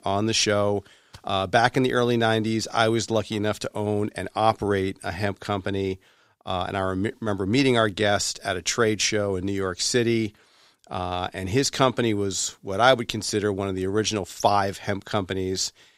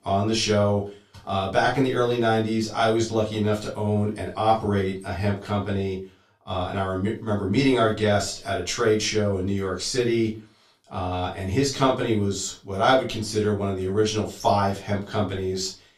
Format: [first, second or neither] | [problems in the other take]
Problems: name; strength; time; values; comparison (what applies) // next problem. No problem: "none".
first | off-mic speech; far // room echo; slight; dies away in 0.3 s